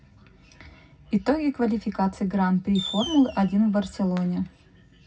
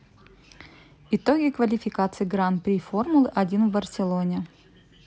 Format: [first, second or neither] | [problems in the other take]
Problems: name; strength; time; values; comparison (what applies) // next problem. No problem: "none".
second | background sound (Fireworks); 14 dB below the speech // room echo; dies away in 0.4 s